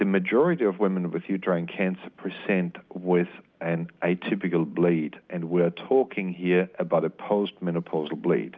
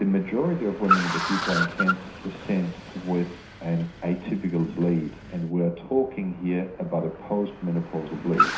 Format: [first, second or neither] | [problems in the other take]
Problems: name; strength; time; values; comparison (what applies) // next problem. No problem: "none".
first | background sound (Car); 4 dB below the speech // room echo; dies away in 0.5 s